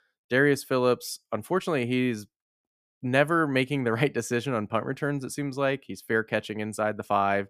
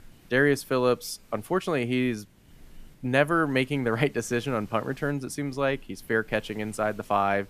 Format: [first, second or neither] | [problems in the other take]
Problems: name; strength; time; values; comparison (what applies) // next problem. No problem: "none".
first | hiss; faint; throughout; 30 dB below the speech